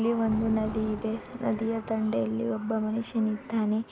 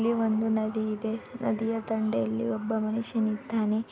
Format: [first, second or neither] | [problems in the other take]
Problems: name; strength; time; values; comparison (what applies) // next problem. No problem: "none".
second | background sound (Thunder); 15 dB below the speech